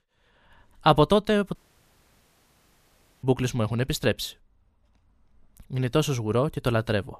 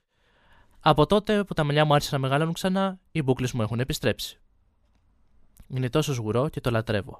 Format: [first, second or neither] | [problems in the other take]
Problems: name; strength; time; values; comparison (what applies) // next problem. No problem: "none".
second | audio cutting out; at 1.5 s for 1.5 s